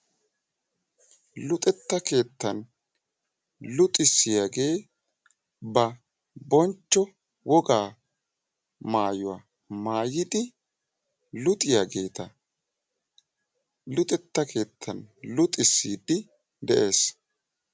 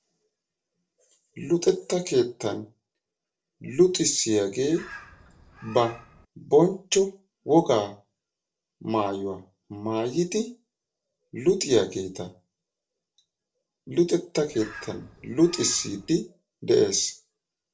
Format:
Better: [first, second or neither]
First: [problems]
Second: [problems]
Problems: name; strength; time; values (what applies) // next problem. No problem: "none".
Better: first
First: none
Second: noise reduction (neural separator model SepFormer DNS4)